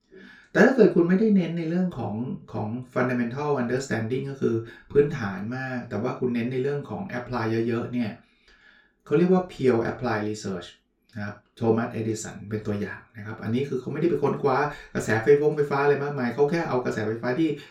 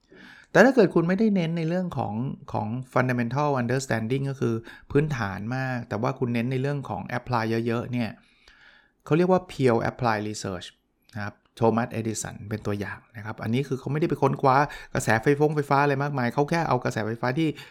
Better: second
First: room echo; slight; dies away in 0.3 s // off-mic speech; far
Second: none

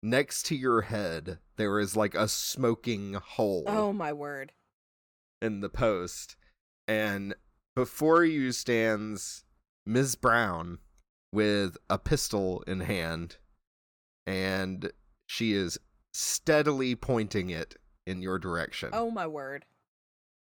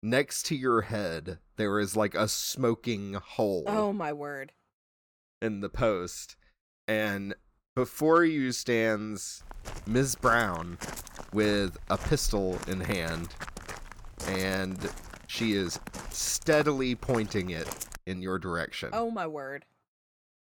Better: first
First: none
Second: footsteps; noticeable; from 9.5 to 18 s; peak 9 dB below the speech

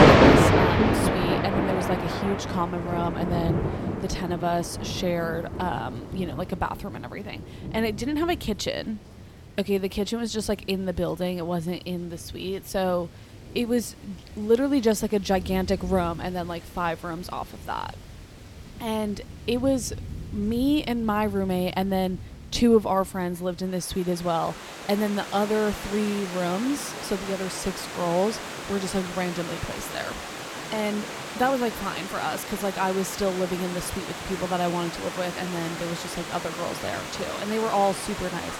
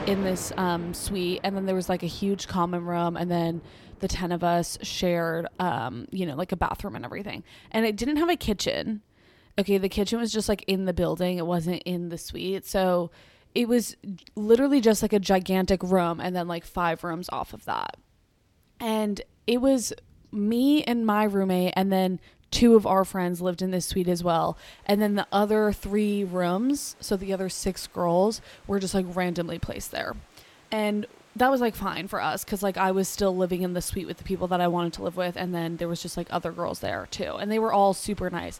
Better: second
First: rain or running water; loud; throughout; 2 dB below the speech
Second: rain or running water; faint; throughout; 25 dB below the speech

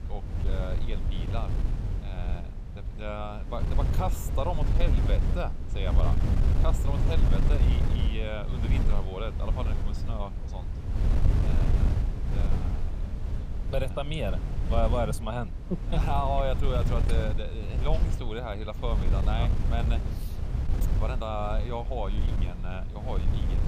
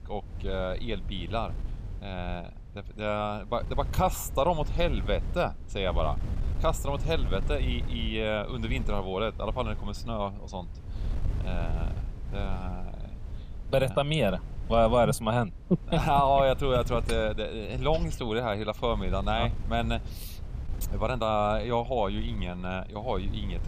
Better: second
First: wind noise on the microphone; heavy; 7 dB below the speech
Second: wind noise on the microphone; occasional gusts; 20 dB below the speech

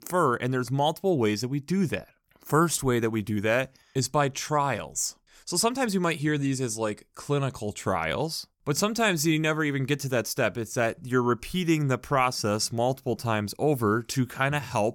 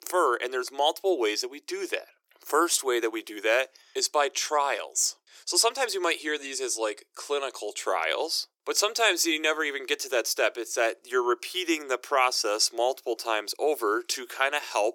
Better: first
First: none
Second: thin; very; fading below 350 Hz

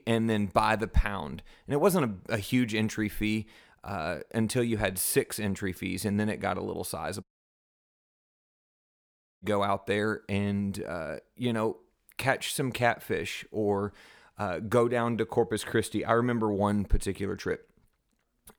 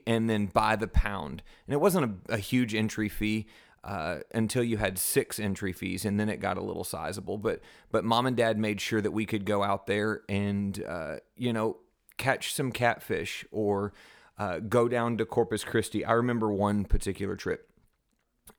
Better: second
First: audio cutting out; at 7 s for 2 s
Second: none

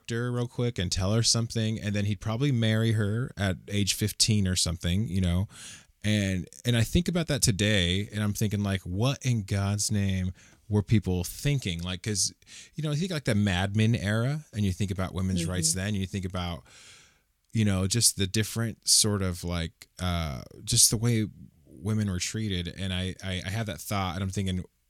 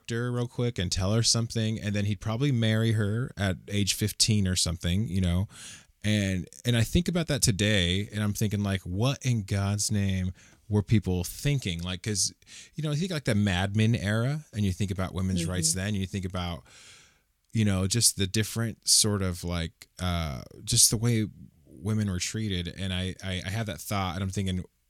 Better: neither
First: none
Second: none

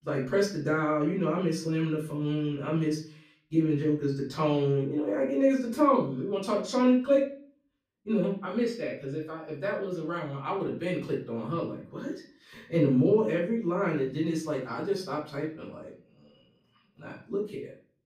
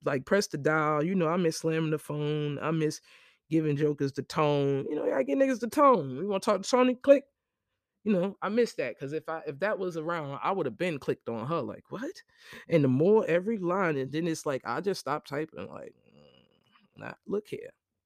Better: second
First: off-mic speech; far // room echo; slight; dies away in 0.4 s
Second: none

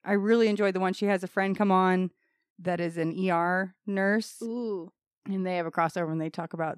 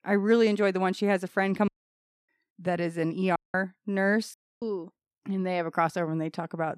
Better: first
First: none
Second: audio cutting out; at 1.5 s for 0.5 s, at 3.5 s and at 4.5 s

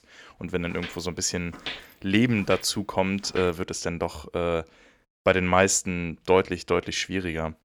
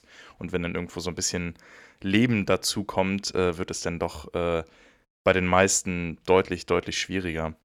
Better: second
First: footsteps; noticeable; from 0.5 to 3.5 s; peak 10 dB below the speech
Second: none

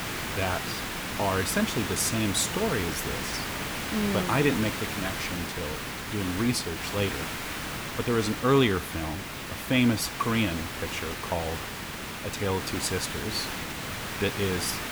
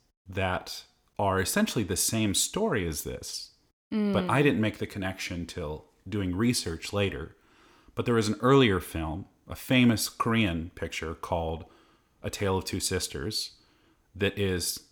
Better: second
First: hiss; loud; throughout; 4 dB below the speech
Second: none

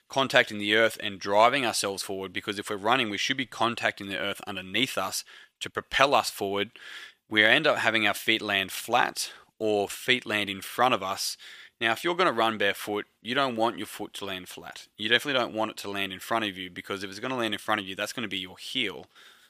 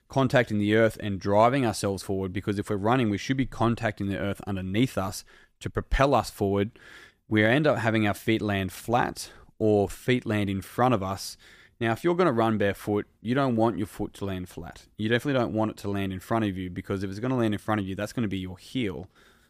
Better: second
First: thin; somewhat; fading below 1 kHz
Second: none

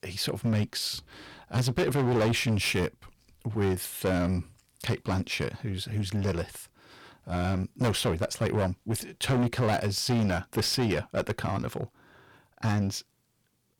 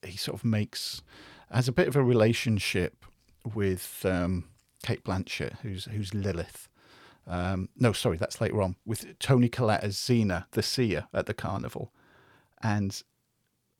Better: second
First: distortion; heavy; 10% of the sound clipped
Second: none

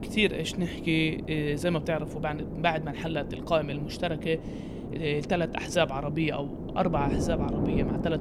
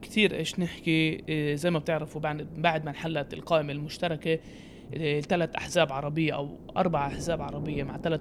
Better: second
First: wind noise on the microphone; heavy; 9 dB below the speech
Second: wind noise on the microphone; occasional gusts; 20 dB below the speech

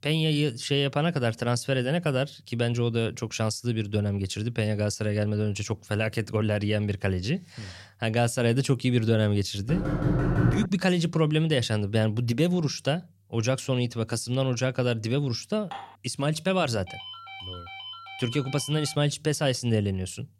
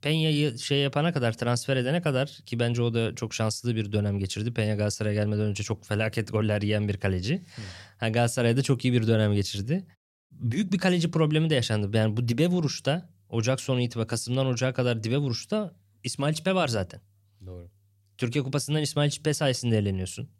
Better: second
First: door banging; loud; at 9.5 s; peak 2 dB above the speech // clattering dishes; faint; at 16 s; peak 15 dB below the speech // phone ringing; faint; from 17 to 19 s; peak 10 dB below the speech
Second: none

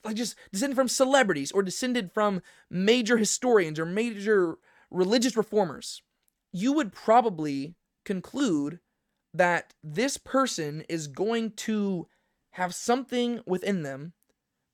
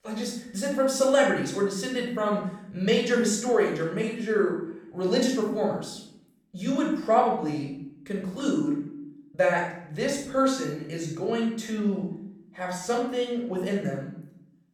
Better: first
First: none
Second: off-mic speech; far // room echo; noticeable; dies away in 0.6 s

